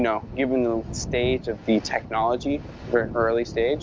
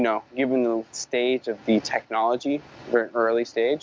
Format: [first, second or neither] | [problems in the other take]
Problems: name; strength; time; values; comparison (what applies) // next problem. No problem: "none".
second | background sound (Thunder); 11 dB below the speech